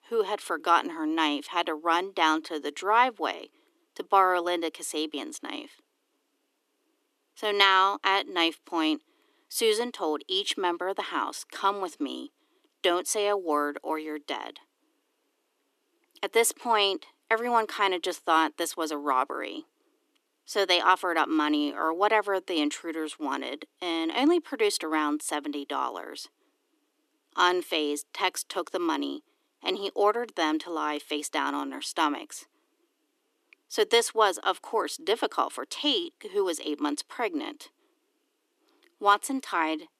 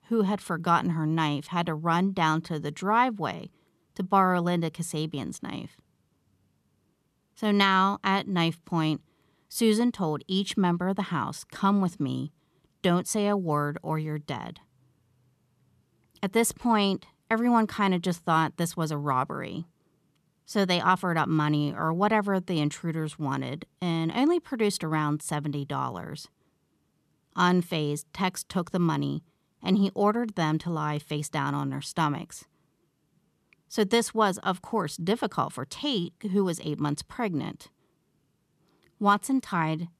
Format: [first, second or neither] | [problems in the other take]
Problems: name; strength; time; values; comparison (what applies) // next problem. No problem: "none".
second | thin; somewhat; fading below 300 Hz